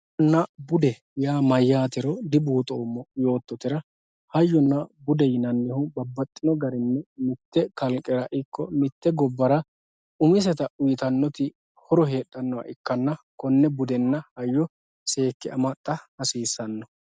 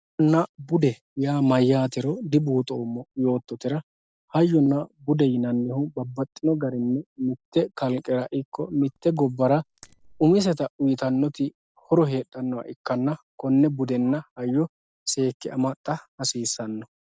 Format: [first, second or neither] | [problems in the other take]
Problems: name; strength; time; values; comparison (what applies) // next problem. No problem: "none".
first | noise reduction (neural separator model SepFormer DNS4)